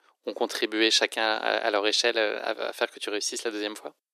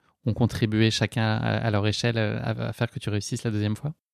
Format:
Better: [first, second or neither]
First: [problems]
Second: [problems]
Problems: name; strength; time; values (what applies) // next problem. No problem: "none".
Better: second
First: thin; very; fading below 350 Hz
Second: none